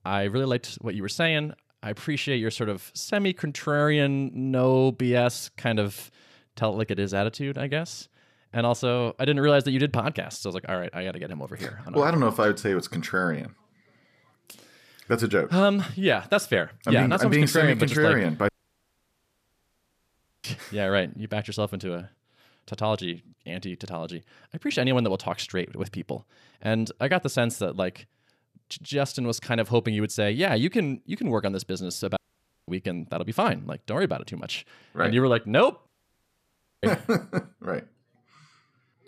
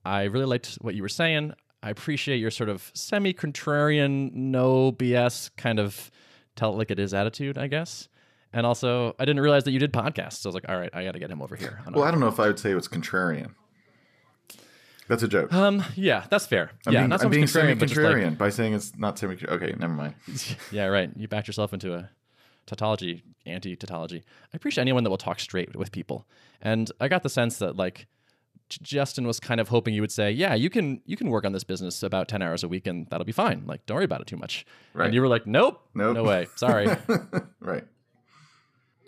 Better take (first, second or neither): second